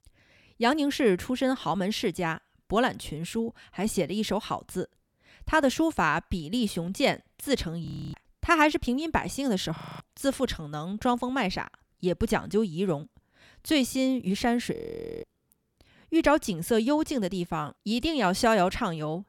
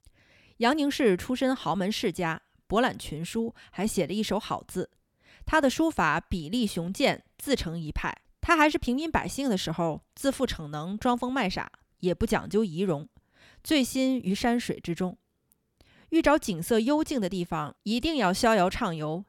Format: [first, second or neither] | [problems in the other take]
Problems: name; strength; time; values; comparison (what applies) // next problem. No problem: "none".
second | audio freezing; at 8 s, at 10 s and at 15 s